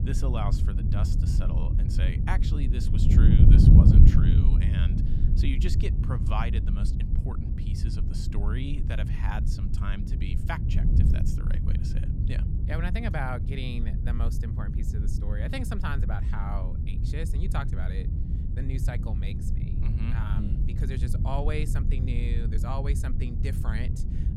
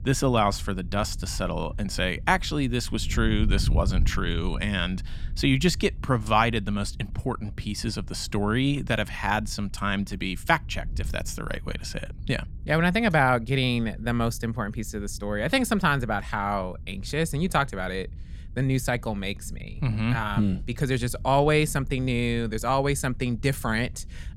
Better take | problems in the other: second | wind noise on the microphone; heavy; 1 dB below the speech; occasional gusts in the second

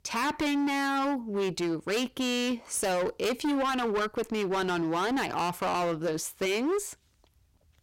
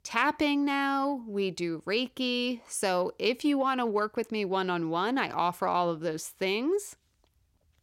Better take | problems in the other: second | distortion; heavy; 23% of the sound clipped

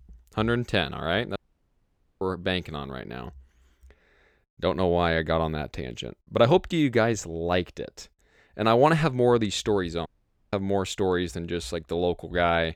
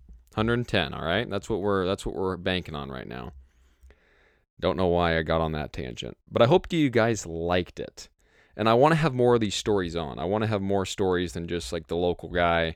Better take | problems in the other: second | audio cutting out; at 1.5 s for 1 s and at 10 s

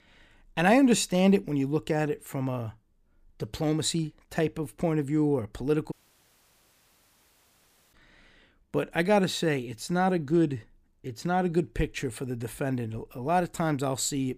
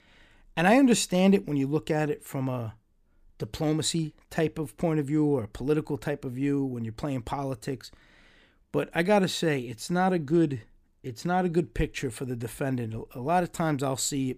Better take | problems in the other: second | audio cutting out; at 6 s for 2 s

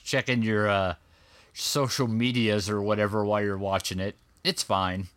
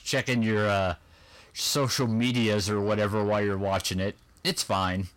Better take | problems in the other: first | distortion; slight; 10 dB below the speech

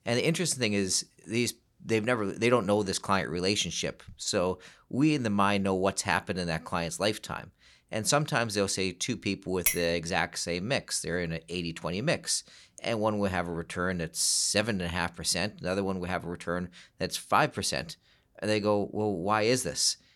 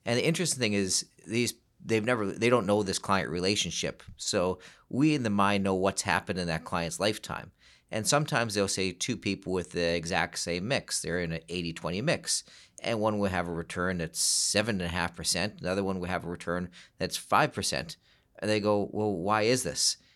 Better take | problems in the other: second | clattering dishes; loud; at 9.5 s; peak 1 dB above the speech

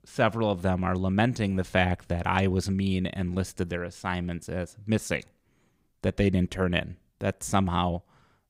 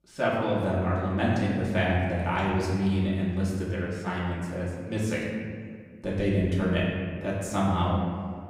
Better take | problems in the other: first | off-mic speech; far // room echo; noticeable; dies away in 1.8 s

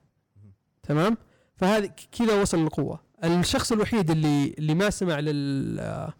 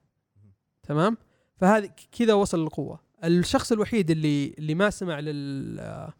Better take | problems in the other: second | distortion; heavy; 15% of the sound clipped

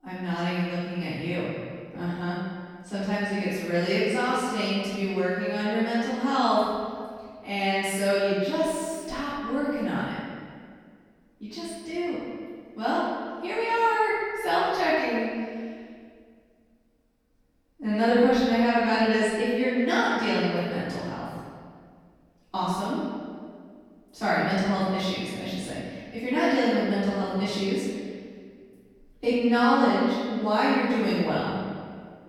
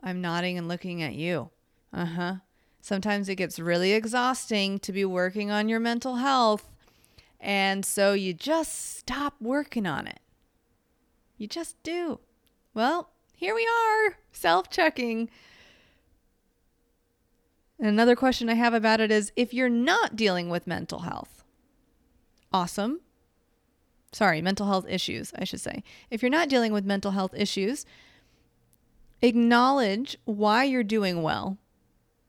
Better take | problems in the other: second | off-mic speech; far // room echo; strong; dies away in 1.8 s

